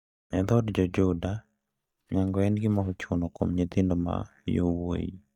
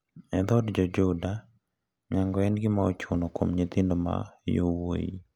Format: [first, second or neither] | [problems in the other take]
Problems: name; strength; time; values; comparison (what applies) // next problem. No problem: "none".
second | noise reduction (neural mask model DeepFilterNet 3)